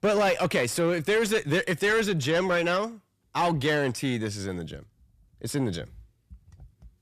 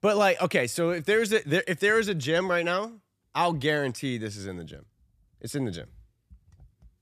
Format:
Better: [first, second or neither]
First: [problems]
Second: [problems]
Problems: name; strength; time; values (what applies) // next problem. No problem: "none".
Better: second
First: distortion; slight; 10 dB below the speech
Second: none